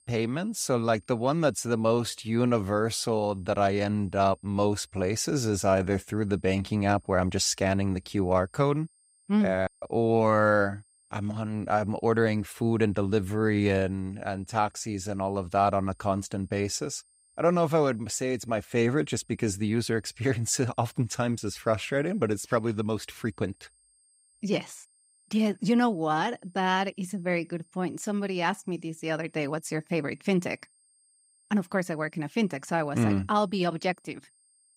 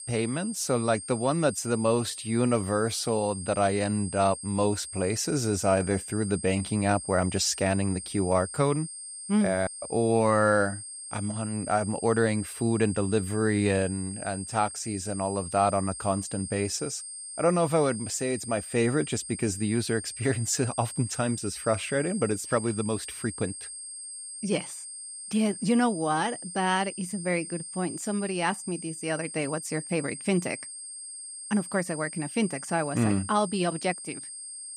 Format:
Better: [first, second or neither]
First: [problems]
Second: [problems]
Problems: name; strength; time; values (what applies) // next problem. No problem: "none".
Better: first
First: high-pitched whine; faint; throughout; 8.5 kHz, 35 dB below the speech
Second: high-pitched whine; loud; throughout; 8.5 kHz, 9 dB below the speech